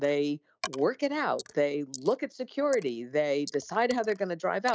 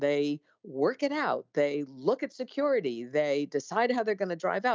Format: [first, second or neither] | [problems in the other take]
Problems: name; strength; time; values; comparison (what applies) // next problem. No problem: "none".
second | noise reduction (neural mask model Resemble Enhance denoiser)